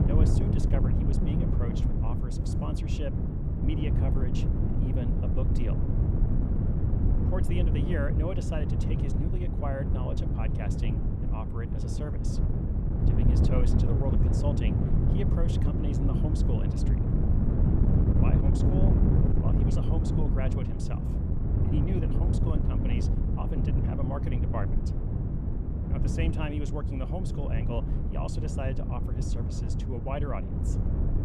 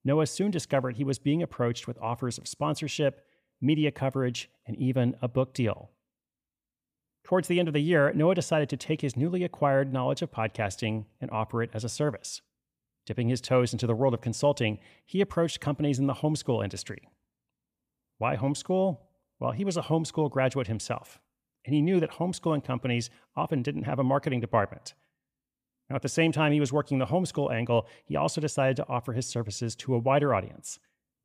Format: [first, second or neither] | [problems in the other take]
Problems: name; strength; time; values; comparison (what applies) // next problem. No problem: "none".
second | wind noise on the microphone; heavy; 1 dB above the speech